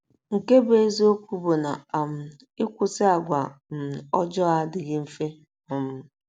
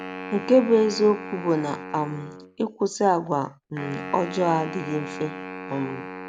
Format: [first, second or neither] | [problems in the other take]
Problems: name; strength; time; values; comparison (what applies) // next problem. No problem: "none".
first | background sound (Wind instrument, woodwind instrument); 11 dB below the speech